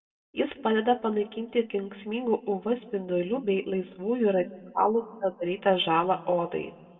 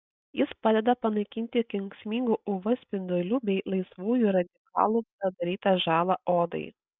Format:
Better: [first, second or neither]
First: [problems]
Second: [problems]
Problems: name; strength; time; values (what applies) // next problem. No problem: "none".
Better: second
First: room echo; dies away in 1 s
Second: none